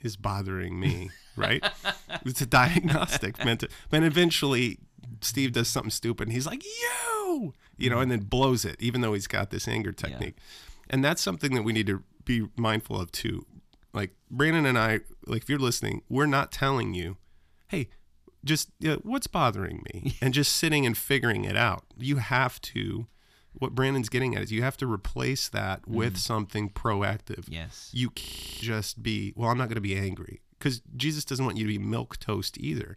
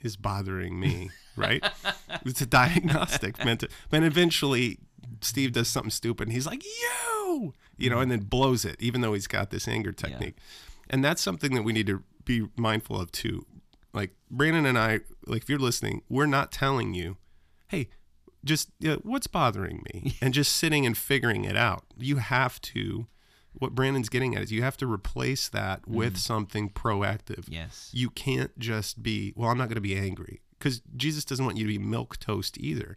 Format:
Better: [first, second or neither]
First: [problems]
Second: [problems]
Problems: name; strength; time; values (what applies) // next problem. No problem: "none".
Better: second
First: audio freezing; at 28 s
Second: none